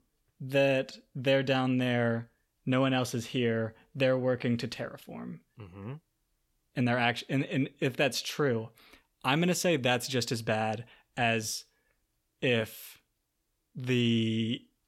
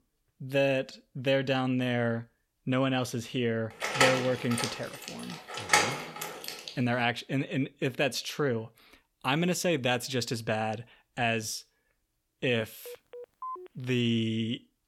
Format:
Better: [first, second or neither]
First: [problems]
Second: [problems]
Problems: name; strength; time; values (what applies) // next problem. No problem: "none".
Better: first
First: none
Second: door banging; loud; from 4 to 6.5 s; peak 5 dB above the speech // phone ringing; faint; at 13 s; peak 10 dB below the speech